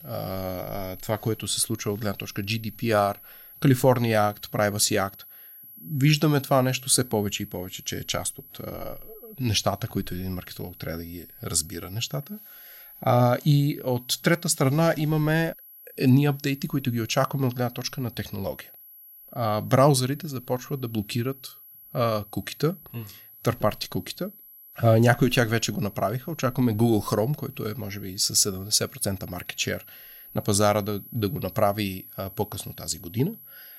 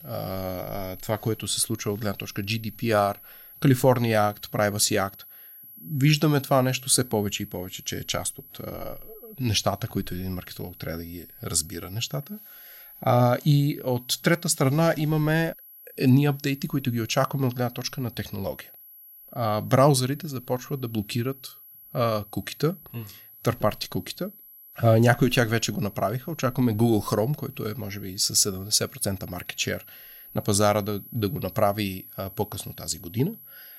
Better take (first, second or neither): neither